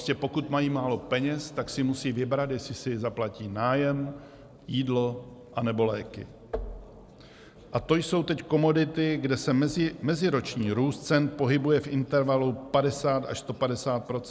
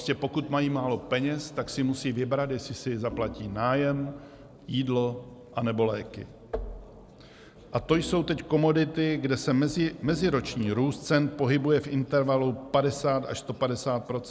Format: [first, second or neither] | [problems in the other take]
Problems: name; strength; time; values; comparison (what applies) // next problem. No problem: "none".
first | background sound (Organ); 17 dB below the speech